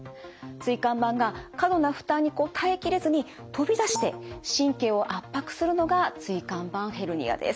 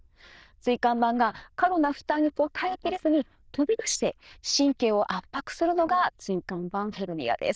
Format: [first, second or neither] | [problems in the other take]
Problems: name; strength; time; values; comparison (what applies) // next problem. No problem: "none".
first | noise reduction (neural diffusion model UNIVERSE++)